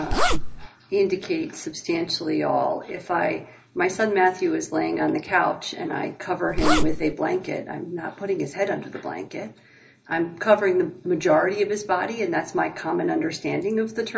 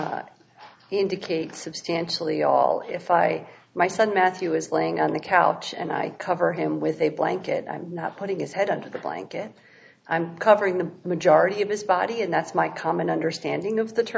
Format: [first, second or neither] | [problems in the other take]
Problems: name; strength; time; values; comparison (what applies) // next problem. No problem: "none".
second | background sound (Zipper (clothing)); 4 dB above the speech // room echo; dies away in 0.2 s